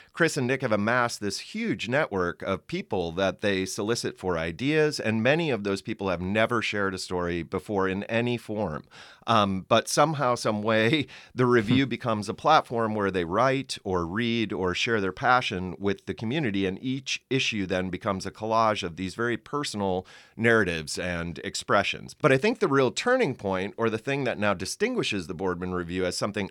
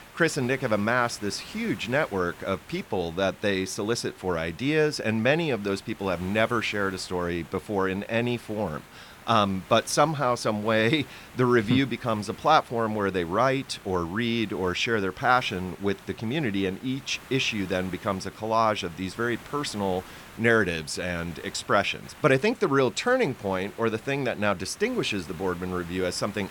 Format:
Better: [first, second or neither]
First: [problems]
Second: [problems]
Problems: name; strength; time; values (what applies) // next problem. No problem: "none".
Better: first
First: none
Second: hiss; faint; throughout; 20 dB below the speech